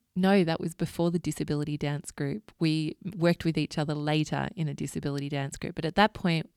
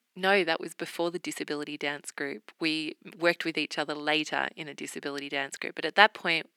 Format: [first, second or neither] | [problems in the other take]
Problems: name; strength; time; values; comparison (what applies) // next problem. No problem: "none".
first | thin; very; fading below 300 Hz